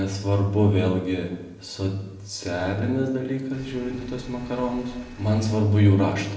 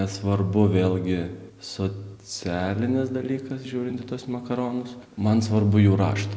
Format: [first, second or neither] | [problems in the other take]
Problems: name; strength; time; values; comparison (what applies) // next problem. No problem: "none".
second | background sound (Engine); 18 dB below the speech // room echo; dies away in 0.8 s